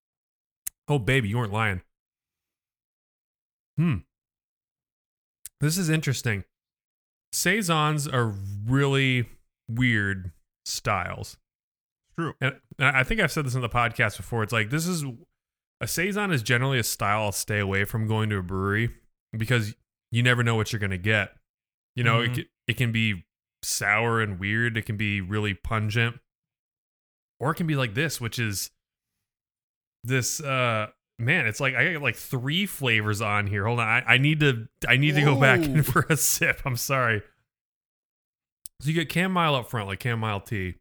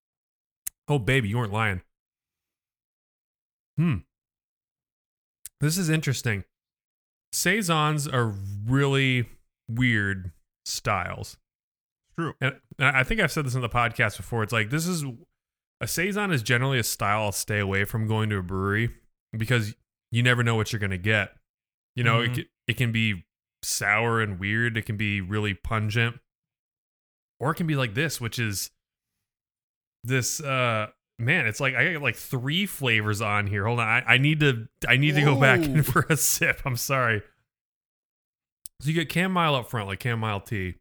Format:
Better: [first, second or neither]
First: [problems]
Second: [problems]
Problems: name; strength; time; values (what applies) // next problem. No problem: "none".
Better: neither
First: none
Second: none